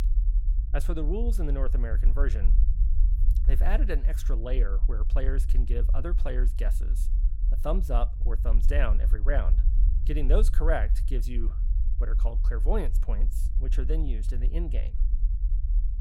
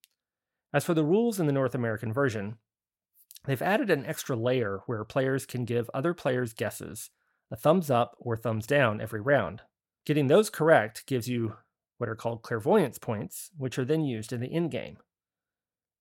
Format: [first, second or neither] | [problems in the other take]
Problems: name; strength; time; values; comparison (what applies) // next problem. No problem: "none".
second | low rumble; noticeable; throughout; 15 dB below the speech